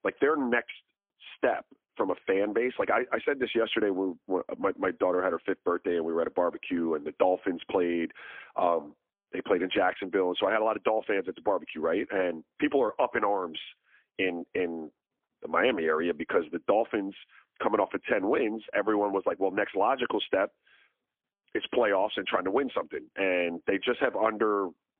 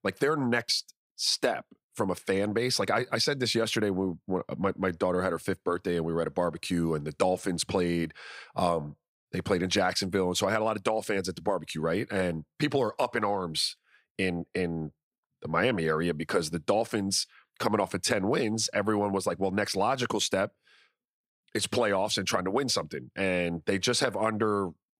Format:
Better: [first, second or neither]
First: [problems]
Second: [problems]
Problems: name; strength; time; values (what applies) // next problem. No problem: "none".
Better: second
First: phone-call audio; poor line; nothing above 3.5 kHz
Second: none